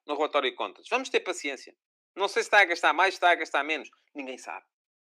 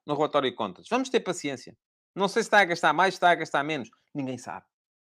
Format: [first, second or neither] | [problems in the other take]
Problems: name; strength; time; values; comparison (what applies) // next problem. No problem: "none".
second | thin; somewhat; fading below 300 Hz